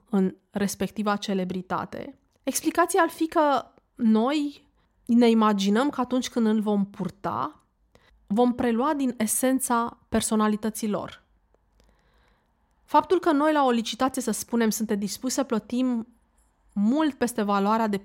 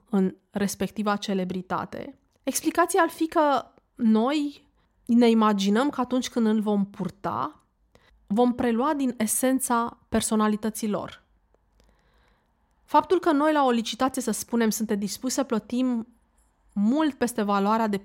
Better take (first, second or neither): neither